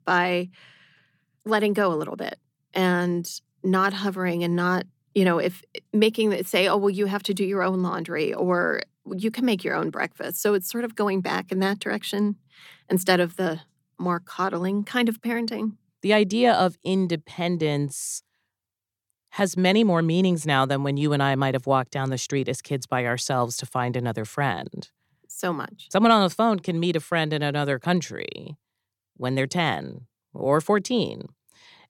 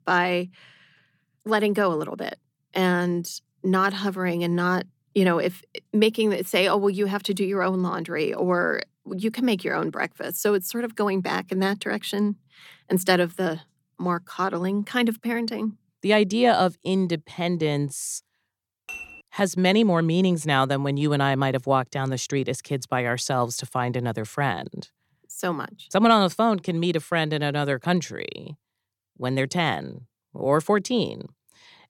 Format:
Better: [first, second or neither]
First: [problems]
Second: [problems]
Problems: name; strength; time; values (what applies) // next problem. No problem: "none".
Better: first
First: none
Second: clattering dishes; faint; at 19 s; peak 10 dB below the speech